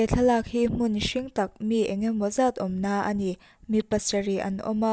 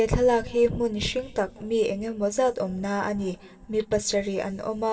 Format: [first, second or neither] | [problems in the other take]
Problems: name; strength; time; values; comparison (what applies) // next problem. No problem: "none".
first | room echo; dies away in 2.8 s